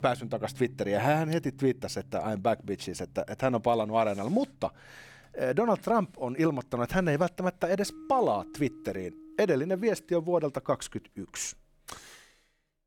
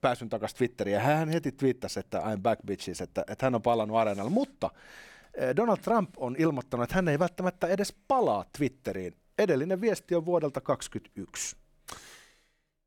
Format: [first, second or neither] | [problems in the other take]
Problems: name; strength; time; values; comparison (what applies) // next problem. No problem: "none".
second | background music; faint; until 10 s; 20 dB below the speech